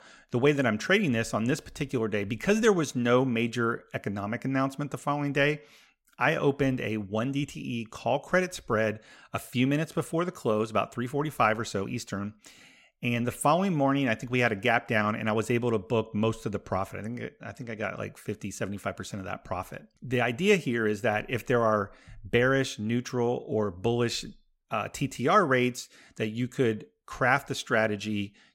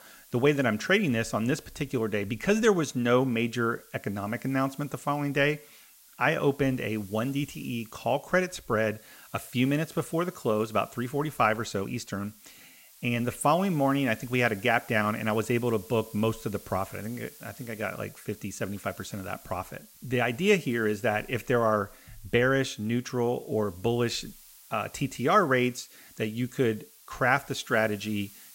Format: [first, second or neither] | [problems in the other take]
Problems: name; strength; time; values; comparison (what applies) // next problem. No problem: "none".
first | hiss; faint; throughout; 20 dB below the speech